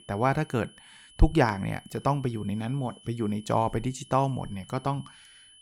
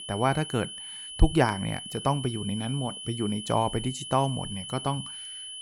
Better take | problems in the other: first | high-pitched whine; loud; throughout; 3 kHz, 8 dB below the speech; faint in the first

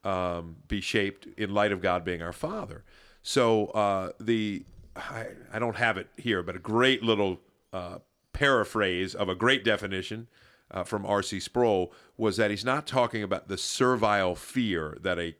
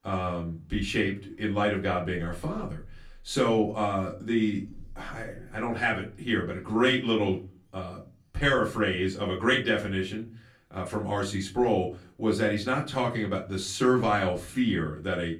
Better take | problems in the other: first | off-mic speech; far // room echo; very slight; dies away in 0.4 s

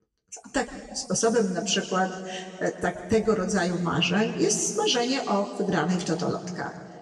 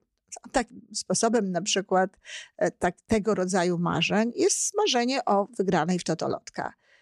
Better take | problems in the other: second | room echo; slight; dies away in 2 s // off-mic speech; somewhat distant

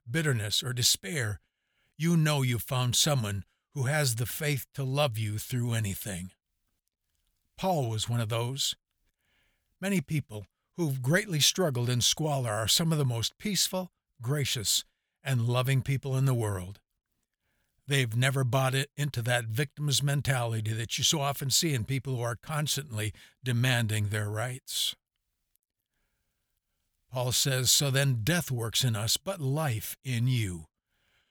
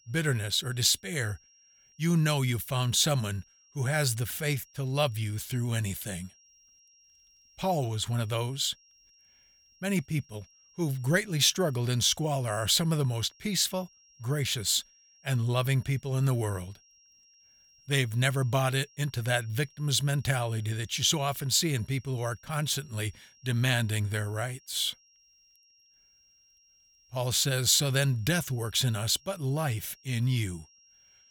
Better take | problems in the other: first | high-pitched whine; faint; throughout; 5.5 kHz, 30 dB below the speech

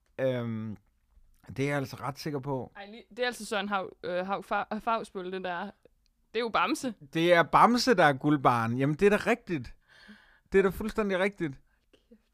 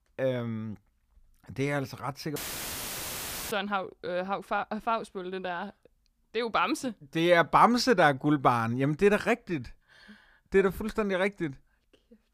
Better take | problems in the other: first | audio cutting out; filled with static; at 2.5 s for 1 s

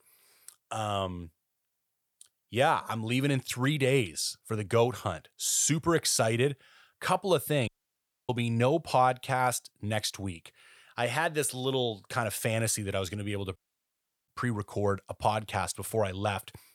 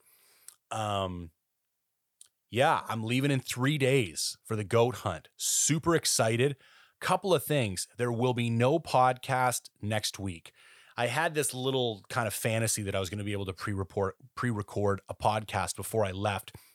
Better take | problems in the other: second | audio cutting out; at 7.5 s for 0.5 s and at 14 s for 0.5 s

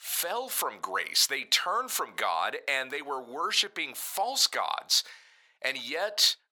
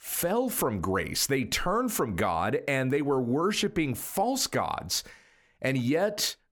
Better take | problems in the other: second | thin; very; fading below 900 Hz

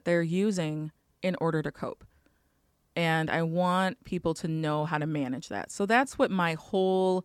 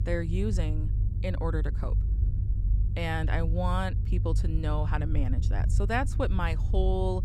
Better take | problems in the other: first | low rumble; noticeable; throughout; 10 dB below the speech

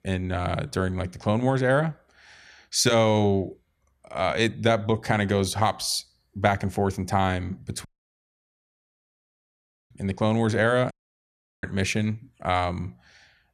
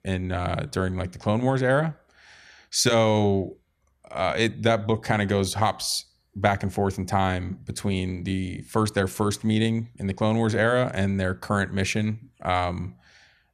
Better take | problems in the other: second | audio cutting out; at 8 s for 2 s and at 11 s for 0.5 s

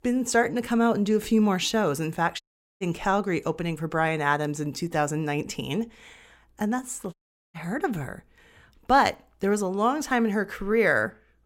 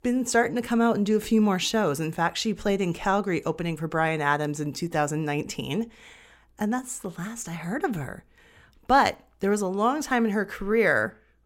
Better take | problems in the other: second | audio cutting out; at 2.5 s and at 7 s

